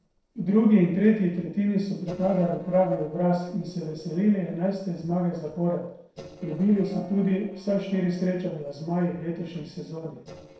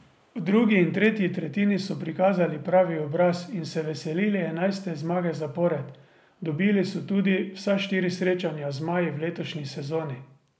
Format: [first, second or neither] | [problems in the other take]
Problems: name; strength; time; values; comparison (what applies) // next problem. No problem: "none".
second | noise reduction (neural separator model SepFormer DNS4)